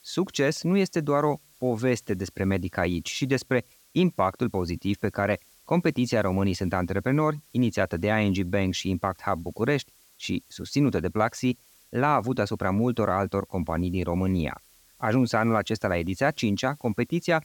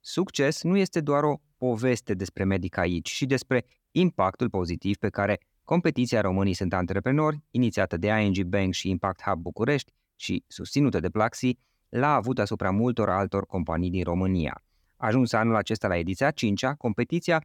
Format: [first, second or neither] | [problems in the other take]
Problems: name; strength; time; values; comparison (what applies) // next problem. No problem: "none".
second | hiss; faint; throughout; 30 dB below the speech